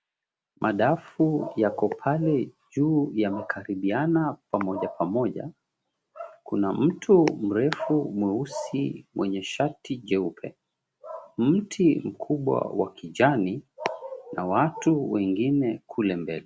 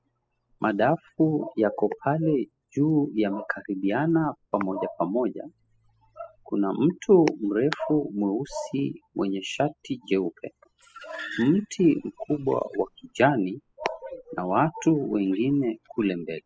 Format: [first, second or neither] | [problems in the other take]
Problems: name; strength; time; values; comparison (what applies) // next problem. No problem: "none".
first | noise reduction (classical method spectral subtraction)